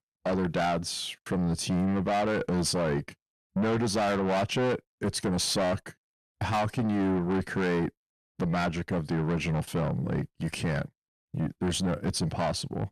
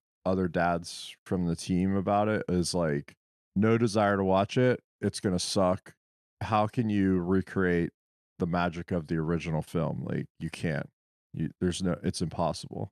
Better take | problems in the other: second | distortion; heavy; 6 dB below the speech

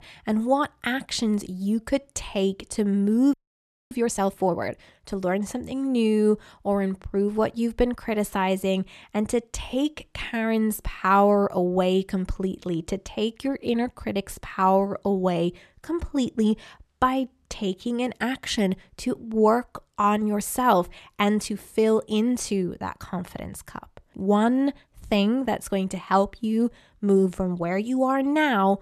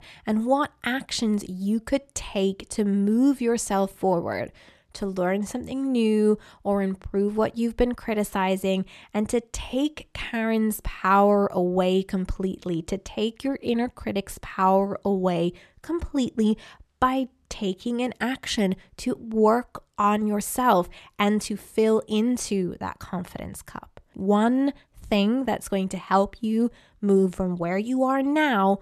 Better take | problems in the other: second | audio freezing; at 3.5 s for 0.5 s

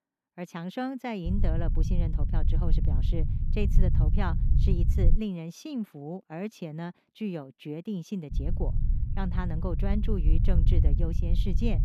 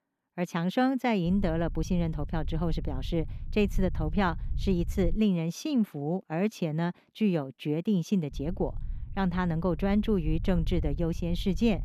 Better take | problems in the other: second | low rumble; loud; from 1.5 to 5 s and from 8.5 s on; 6 dB below the speech; faint in the second

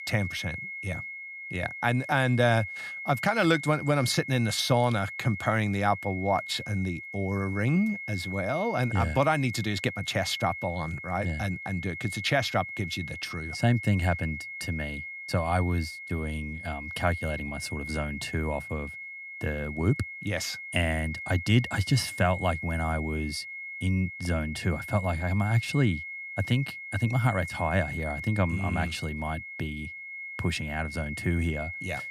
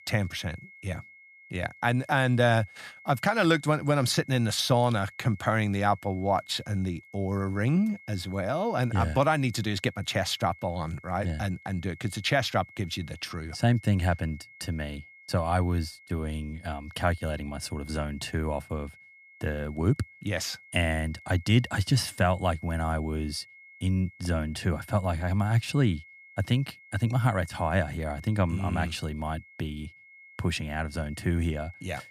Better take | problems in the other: second | high-pitched whine; loud; throughout; 2 kHz, 8 dB below the speech; faint in the second

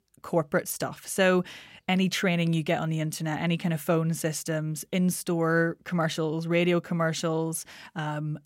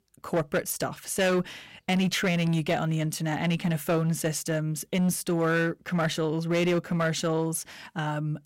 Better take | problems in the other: first | distortion; slight; 9% of the sound clipped

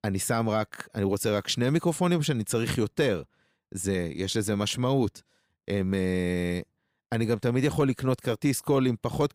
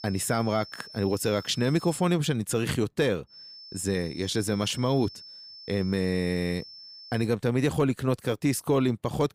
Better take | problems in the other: first | high-pitched whine; noticeable; until 2 s and from 3.5 to 7 s; 5.5 kHz, 15 dB below the speech

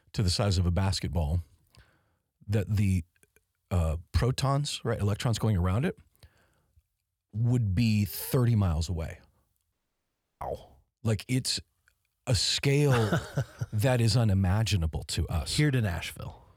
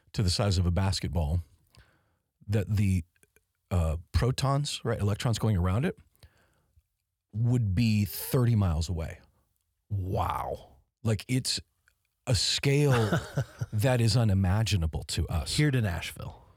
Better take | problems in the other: second | audio cutting out; at 9.5 s for 0.5 s

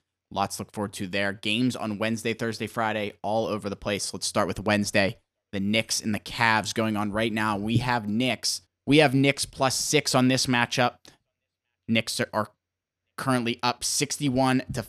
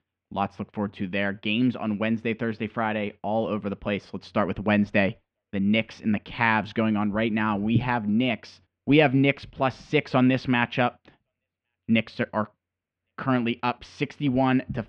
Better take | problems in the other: first | muffled; very; fading above 3 kHz

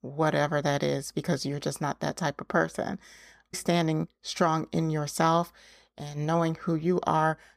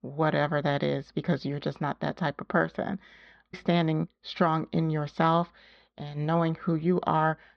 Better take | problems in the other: first | muffled; slightly; fading above 4 kHz

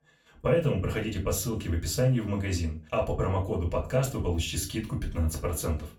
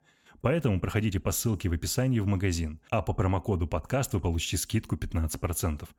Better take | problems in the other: second | off-mic speech; far // room echo; very slight; dies away in 0.2 s

